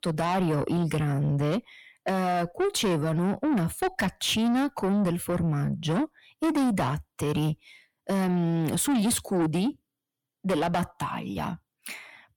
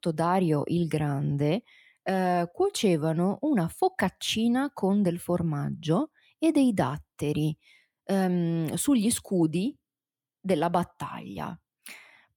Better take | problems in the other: second | distortion; heavy; 7 dB below the speech

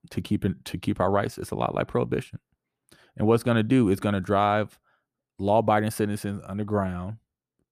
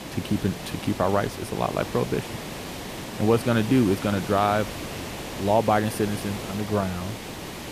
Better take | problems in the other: first | hiss; loud; throughout; 9 dB below the speech

